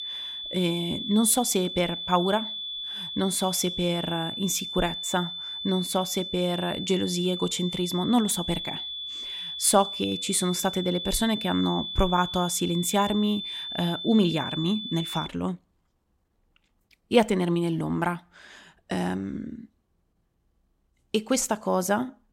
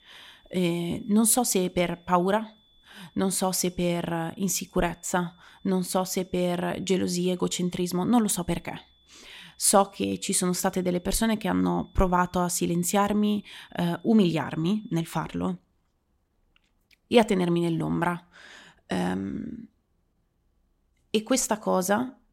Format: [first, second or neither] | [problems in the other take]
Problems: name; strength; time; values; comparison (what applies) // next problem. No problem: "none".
second | high-pitched whine; loud; until 15 s; 3.5 kHz, 6 dB below the speech; faint in the second